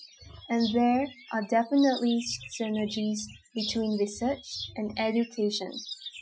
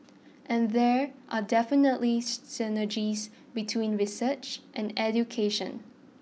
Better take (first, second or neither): second